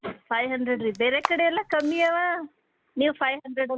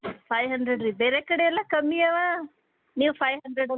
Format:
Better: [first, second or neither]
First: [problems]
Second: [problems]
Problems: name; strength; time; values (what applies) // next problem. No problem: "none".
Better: second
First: background sound (Camera); 11 dB below the speech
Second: none